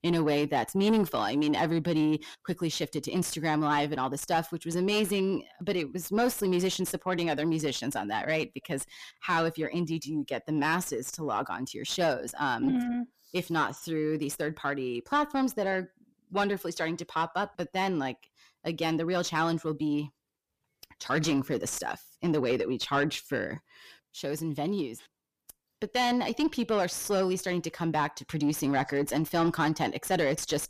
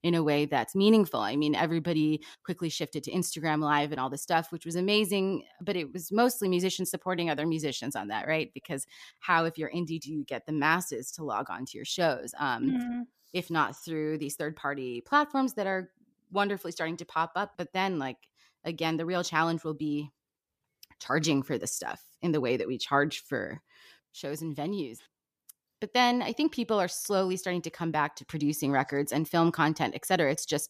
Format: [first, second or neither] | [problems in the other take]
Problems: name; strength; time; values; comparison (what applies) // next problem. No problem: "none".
second | distortion; slight; 10 dB below the speech